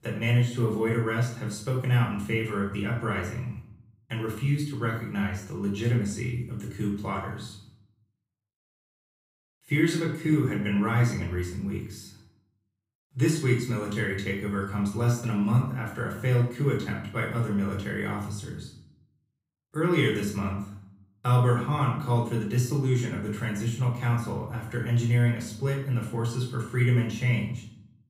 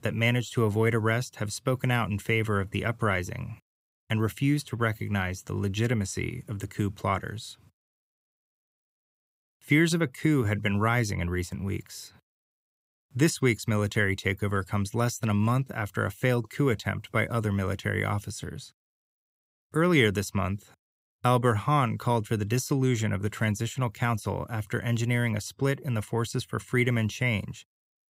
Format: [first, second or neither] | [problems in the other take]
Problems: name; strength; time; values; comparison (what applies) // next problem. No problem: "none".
second | room echo; noticeable; dies away in 0.6 s // off-mic speech; far